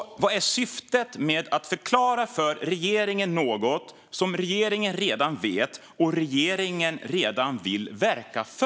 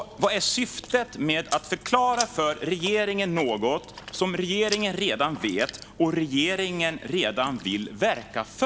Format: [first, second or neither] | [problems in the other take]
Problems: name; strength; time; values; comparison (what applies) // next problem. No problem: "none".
first | background sound (Chewing, mastication); 16 dB below the speech